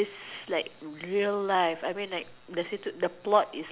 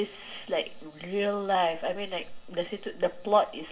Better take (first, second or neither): first